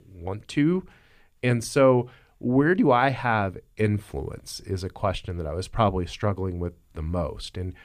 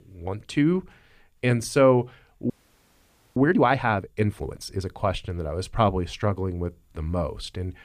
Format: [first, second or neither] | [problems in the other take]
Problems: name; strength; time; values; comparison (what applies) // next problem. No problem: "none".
first | audio freezing; at 2.5 s for 1 s